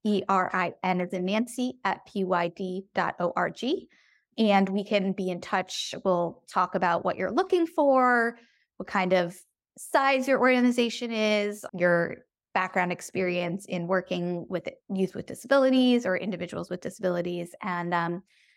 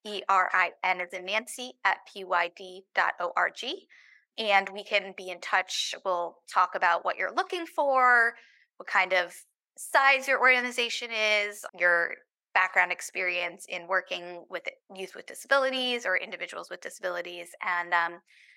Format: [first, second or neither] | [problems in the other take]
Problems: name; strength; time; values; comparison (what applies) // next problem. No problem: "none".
first | thin; very; fading below 750 Hz